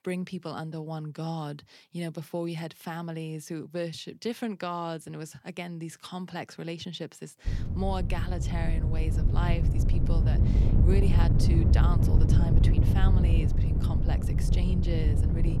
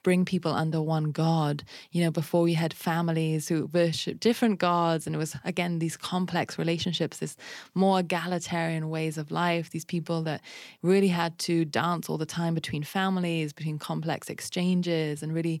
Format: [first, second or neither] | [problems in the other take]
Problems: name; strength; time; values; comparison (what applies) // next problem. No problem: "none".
second | wind noise on the microphone; heavy; from 7.5 s on; 1 dB below the speech